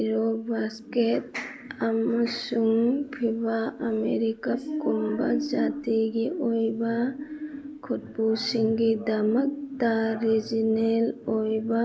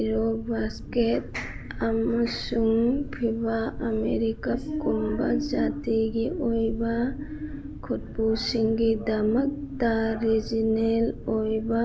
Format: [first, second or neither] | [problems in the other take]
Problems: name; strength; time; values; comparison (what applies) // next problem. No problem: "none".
first | background sound (Boat, Water vehicle); 12 dB below the speech